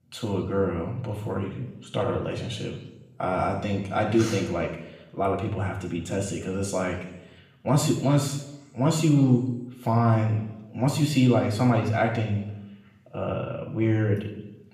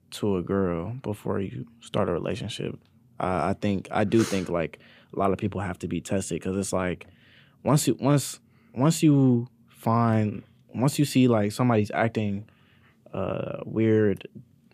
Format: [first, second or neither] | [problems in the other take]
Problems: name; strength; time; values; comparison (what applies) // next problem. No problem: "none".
second | room echo; noticeable; dies away in 0.8 s // off-mic speech; somewhat distant